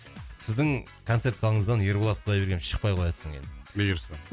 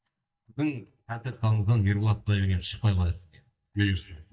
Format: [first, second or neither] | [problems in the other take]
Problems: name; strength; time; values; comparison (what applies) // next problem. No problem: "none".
first | noise reduction (neural mask model DeepFilterNet 3)